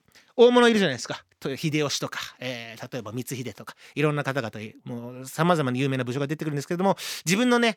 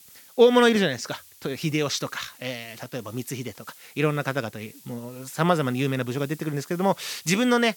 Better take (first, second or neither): first